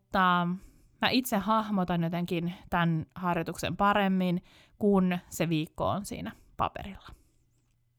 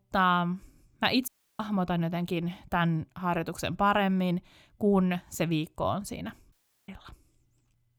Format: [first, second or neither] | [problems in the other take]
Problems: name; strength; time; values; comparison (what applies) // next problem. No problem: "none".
first | audio cutting out; at 1.5 s and at 6.5 s